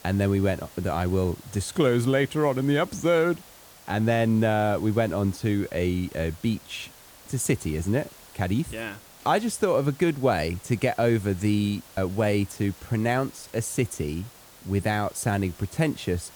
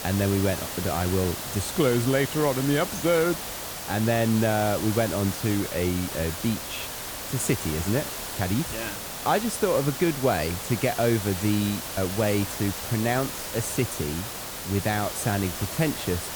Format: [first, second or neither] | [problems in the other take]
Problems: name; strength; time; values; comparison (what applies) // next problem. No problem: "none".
first | hiss; loud; throughout; 6 dB below the speech; faint in the first